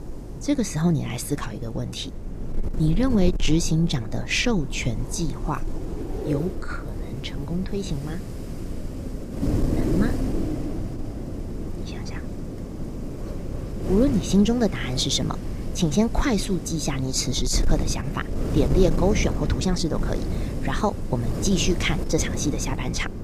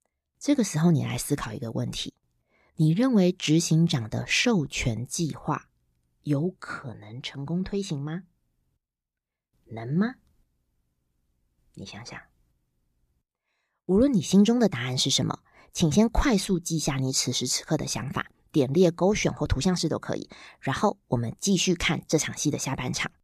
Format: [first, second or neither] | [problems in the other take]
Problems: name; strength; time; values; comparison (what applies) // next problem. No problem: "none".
second | wind noise on the microphone; heavy; 9 dB below the speech